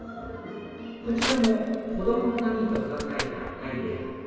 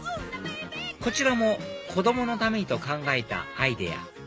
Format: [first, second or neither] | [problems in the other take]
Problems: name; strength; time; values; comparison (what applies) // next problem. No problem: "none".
second | background sound (Crushing); 9 dB below the speech // room echo; dies away in 2.2 s